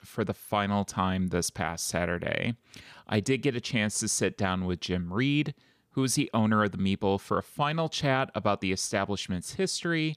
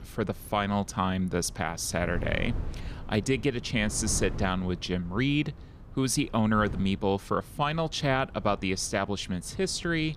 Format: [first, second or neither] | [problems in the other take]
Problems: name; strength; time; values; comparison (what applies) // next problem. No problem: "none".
first | wind noise on the microphone; occasional gusts; 20 dB below the speech